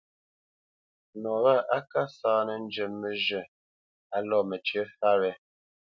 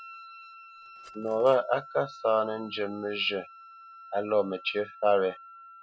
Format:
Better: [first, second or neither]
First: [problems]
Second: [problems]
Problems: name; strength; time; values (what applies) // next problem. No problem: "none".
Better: first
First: none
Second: background sound (Wind instrument, woodwind instrument + Cutlery, silverware); 18 dB below the speech